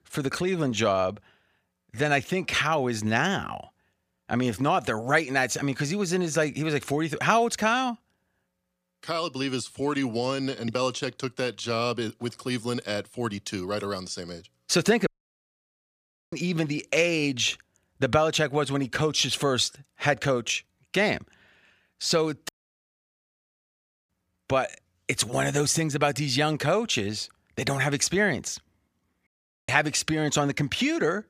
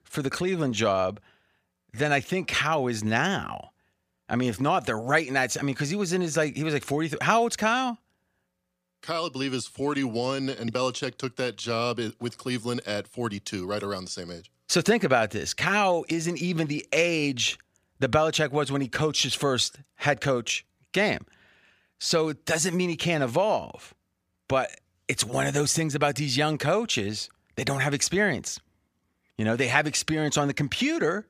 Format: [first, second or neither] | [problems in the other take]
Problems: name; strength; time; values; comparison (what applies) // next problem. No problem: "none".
second | audio cutting out; at 15 s for 1.5 s, at 22 s for 1.5 s and at 29 s